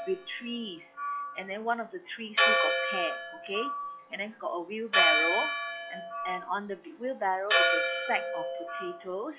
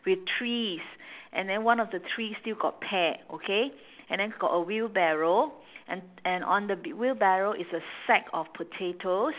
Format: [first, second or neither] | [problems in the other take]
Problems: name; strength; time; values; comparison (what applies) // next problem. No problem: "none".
second | noise reduction (classical method log-MMSE)